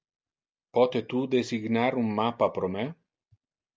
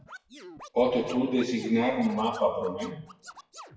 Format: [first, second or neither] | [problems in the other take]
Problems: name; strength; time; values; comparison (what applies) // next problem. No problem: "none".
first | noise reduction (classical method WPE with log-MMSE)